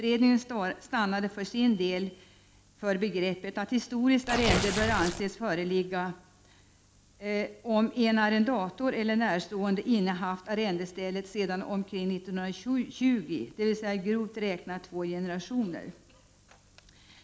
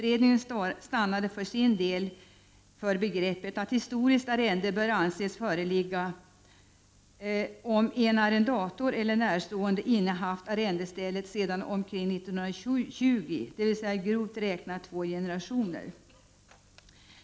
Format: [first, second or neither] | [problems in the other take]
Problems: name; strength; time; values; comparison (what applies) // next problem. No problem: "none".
second | background sound (Tearing); 2 dB below the speech